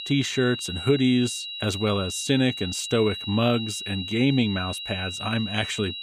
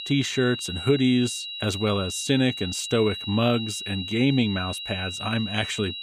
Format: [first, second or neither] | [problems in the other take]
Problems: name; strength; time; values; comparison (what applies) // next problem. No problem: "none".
neither | high-pitched whine; loud; throughout; 4 kHz, 7 dB below the speech; the same in both